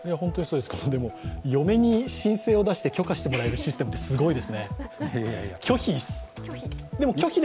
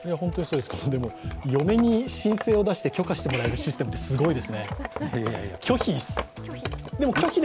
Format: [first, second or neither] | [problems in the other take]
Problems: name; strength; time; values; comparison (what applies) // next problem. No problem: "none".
first | background sound (Wood); 13 dB below the speech